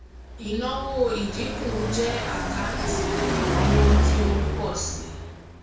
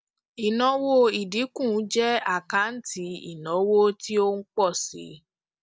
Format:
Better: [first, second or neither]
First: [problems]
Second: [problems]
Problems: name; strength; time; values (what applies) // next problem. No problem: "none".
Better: second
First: background sound (Car passing by); 5 dB above the speech // room echo; dies away in 0.6 s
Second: none